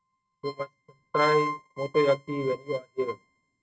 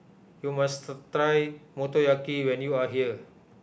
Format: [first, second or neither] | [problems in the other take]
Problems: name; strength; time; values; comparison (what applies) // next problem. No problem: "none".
second | noise reduction (neural mask model RNNoise)